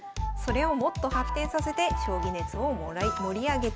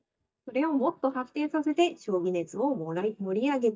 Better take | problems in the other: first | noise reduction (neural mask model DeepFilterNet 3)

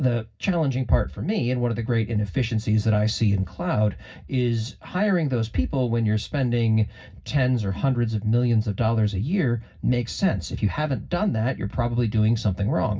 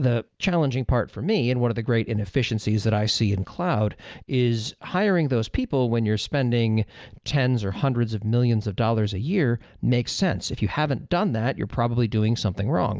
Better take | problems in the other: second | room echo; dies away in 0.4 s

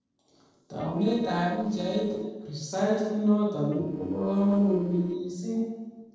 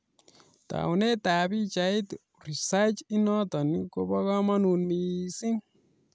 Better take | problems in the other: second | noise reduction (neural separator model SepFormer DNS4)

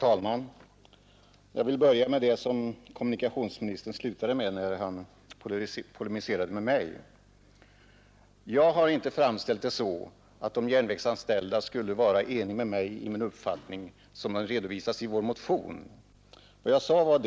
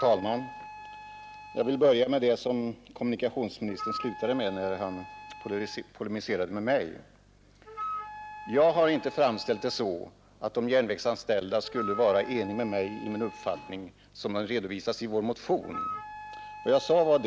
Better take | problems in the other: first | background sound (Wind instrument, woodwind instrument); 14 dB below the speech

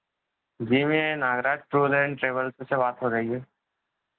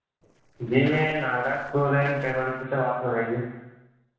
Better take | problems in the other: first | noise reduction (neural separator model SepFormer DNS4)

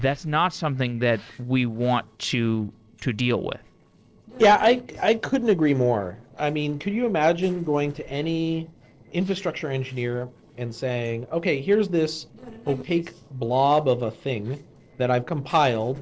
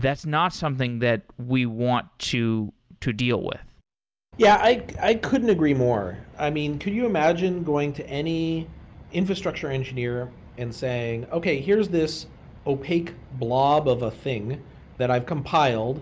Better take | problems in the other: second | noise reduction (neural separator model SepFormer DNS4)

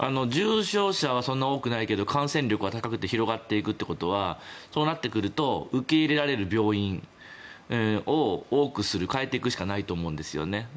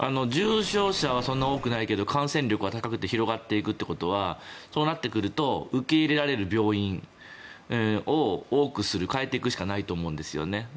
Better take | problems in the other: first | background sound (Bird); 12 dB below the speech

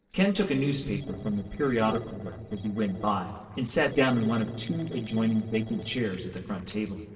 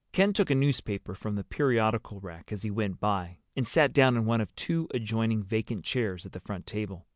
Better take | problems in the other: second | noise reduction (neural separator model SepFormer DNS4)

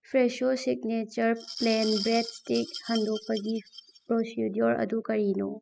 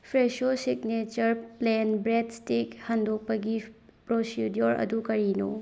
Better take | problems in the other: second | noise reduction (classical method spectral subtraction)

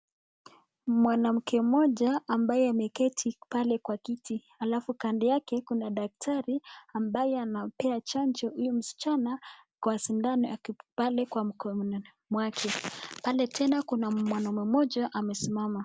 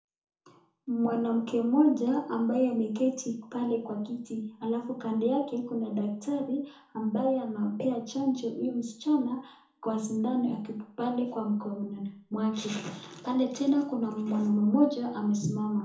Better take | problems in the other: first | room echo; dies away in 0.6 s

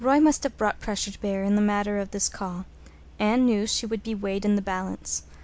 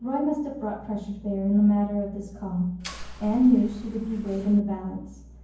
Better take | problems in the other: first | background sound (Mechanisms); 16 dB below the speech // room echo; dies away in 0.9 s

